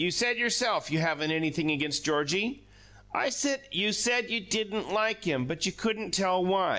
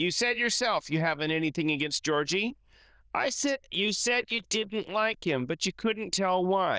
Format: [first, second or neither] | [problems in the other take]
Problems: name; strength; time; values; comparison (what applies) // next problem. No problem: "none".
first | noise reduction (neural diffusion model UNIVERSE++)